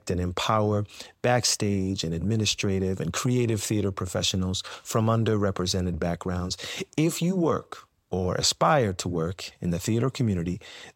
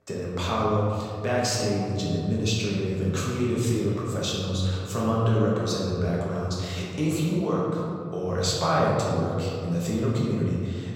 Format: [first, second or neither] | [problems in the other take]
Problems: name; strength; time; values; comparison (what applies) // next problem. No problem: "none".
first | room echo; noticeable; dies away in 2.4 s // off-mic speech; far